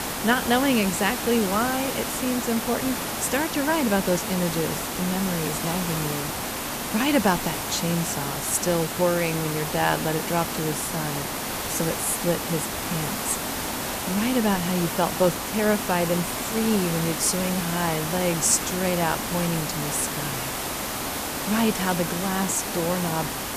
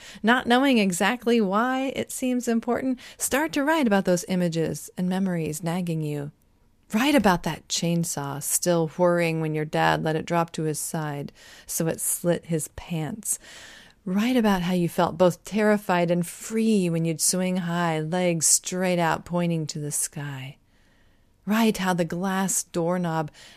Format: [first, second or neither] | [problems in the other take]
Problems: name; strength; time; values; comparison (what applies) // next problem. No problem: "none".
second | hiss; loud; throughout; 3 dB below the speech